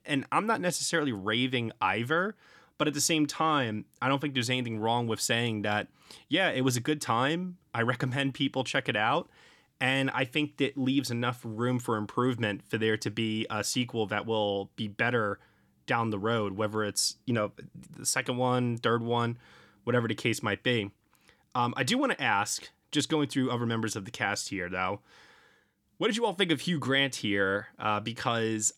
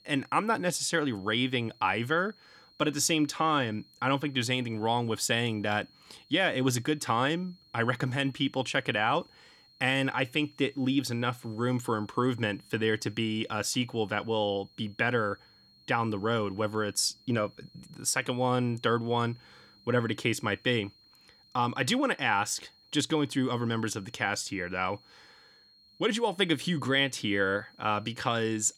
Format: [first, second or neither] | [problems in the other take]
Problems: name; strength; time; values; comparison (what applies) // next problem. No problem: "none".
first | high-pitched whine; faint; throughout; 4.5 kHz, 30 dB below the speech